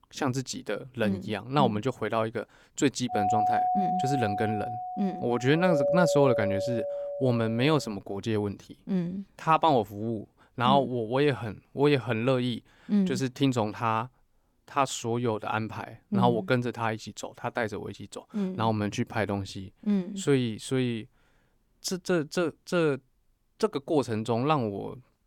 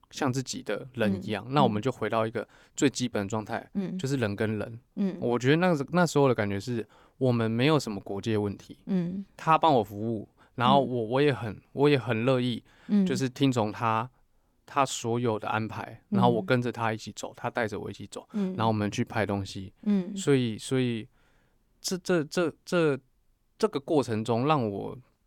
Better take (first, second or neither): second